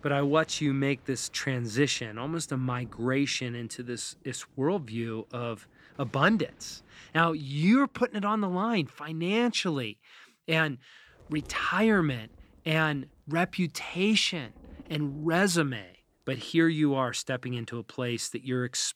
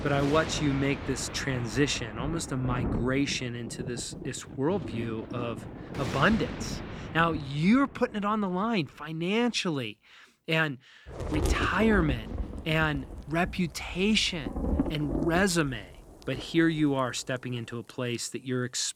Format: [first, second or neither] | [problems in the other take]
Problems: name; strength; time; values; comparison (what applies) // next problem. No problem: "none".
first | rain or running water; loud; throughout; 8 dB below the speech; faint in the first